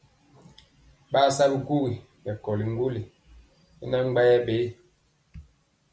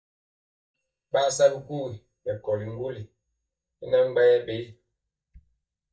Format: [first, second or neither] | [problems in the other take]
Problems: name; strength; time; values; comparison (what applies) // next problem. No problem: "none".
first | noise reduction (neural mask model DeepFilterNet 3)